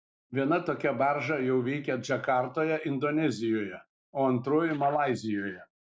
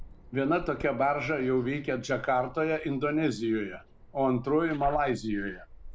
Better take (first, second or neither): first